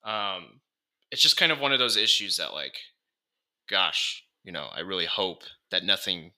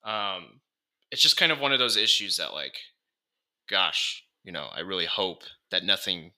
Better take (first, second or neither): neither